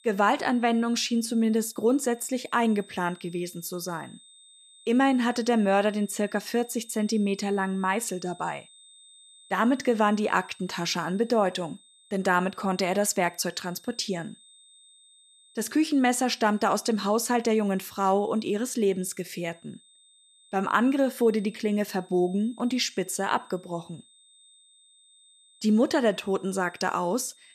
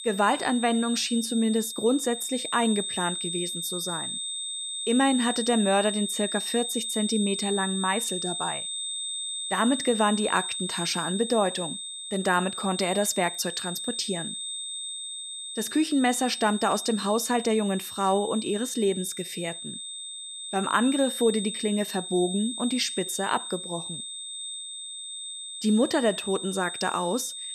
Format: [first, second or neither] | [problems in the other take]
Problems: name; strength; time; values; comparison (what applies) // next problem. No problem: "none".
first | high-pitched whine; loud; throughout; 3.5 kHz, 5 dB below the speech; faint in the first